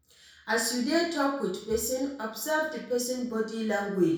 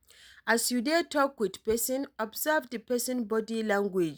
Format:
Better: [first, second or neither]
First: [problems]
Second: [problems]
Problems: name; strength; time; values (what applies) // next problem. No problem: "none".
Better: second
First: room echo; dies away in 0.5 s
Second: none